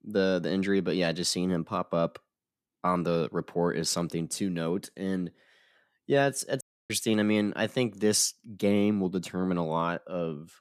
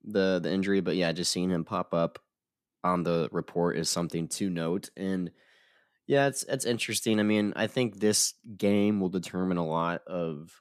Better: second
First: audio cutting out; at 6.5 s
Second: none

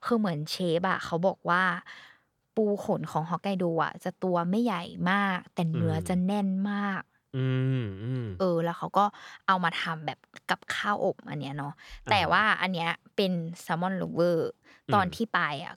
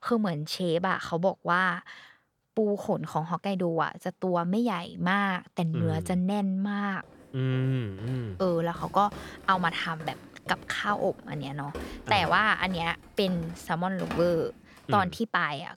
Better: first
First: none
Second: footsteps; noticeable; from 7.5 to 14 s; peak 9 dB below the speech

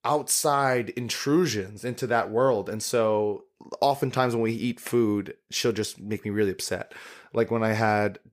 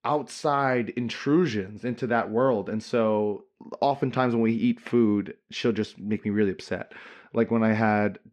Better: first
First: none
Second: muffled; slightly; fading above 3 kHz

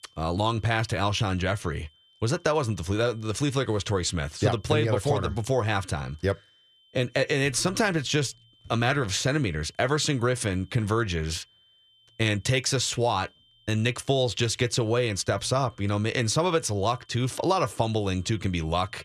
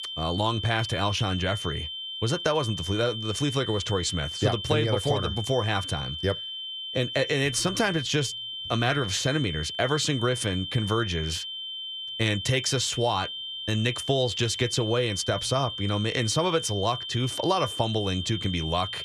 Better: first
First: high-pitched whine; faint; throughout; 3 kHz, 30 dB below the speech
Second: high-pitched whine; loud; throughout; 3 kHz, 6 dB below the speech

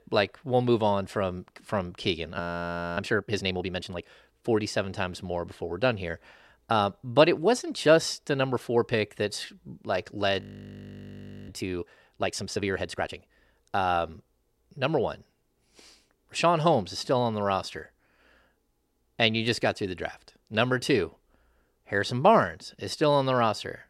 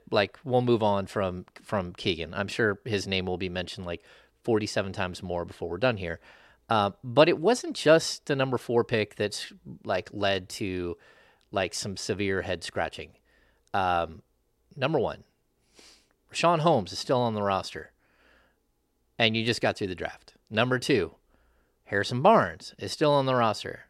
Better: second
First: audio freezing; at 2.5 s for 0.5 s and at 10 s for 1 s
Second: none

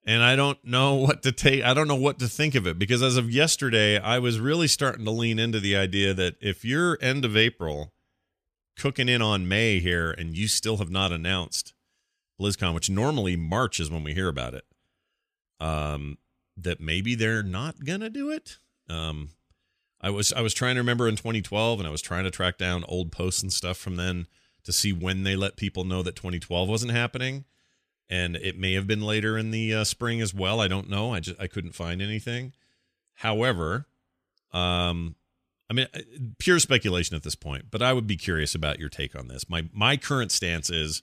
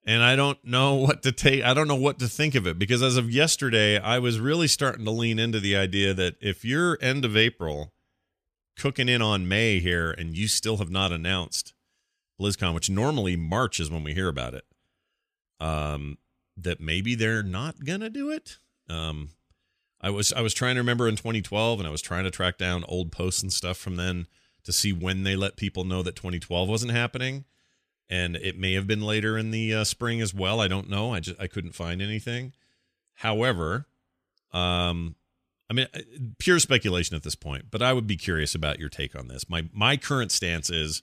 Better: neither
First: none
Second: none

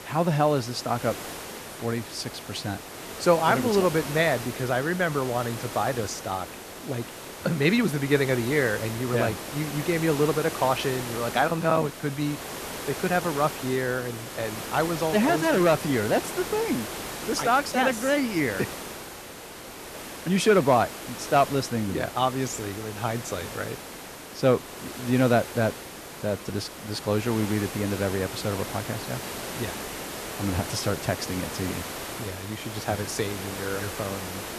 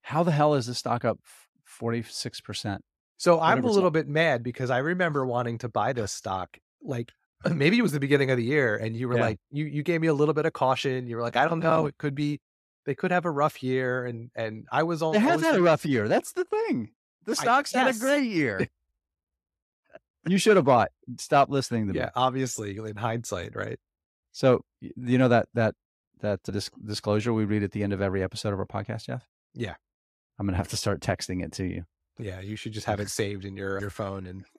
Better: second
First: hiss; loud; throughout; 9 dB below the speech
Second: none

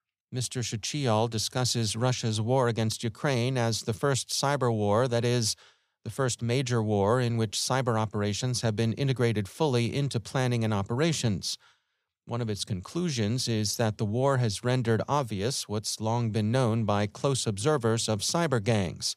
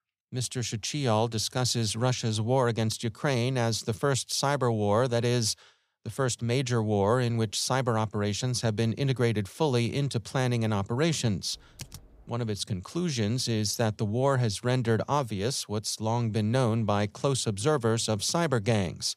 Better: first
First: none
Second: keyboard typing; faint; at 12 s; peak 15 dB below the speech

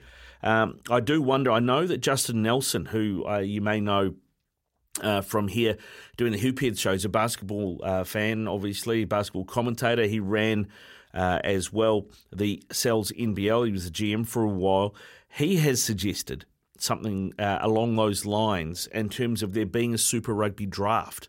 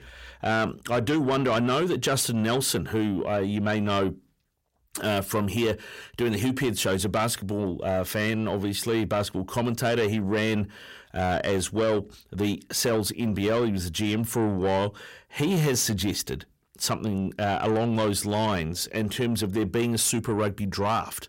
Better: first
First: none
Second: distortion; slight; 10 dB below the speech

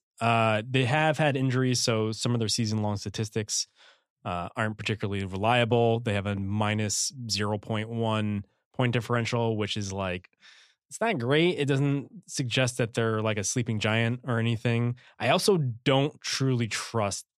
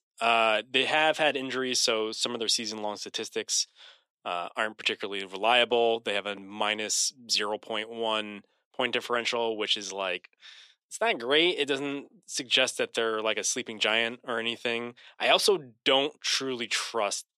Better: first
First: none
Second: thin; somewhat; fading below 350 Hz

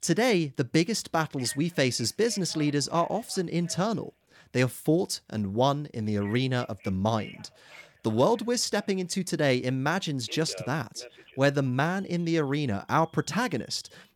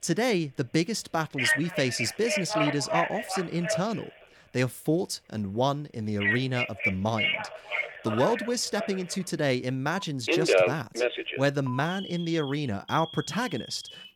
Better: first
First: alarms or sirens; faint; throughout; 20 dB below the speech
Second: alarms or sirens; loud; throughout; 1 dB below the speech

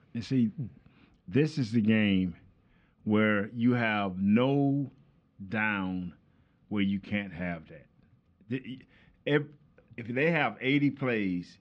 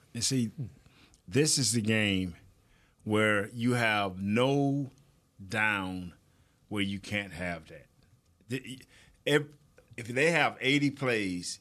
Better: second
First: muffled; very; fading above 3 kHz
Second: none

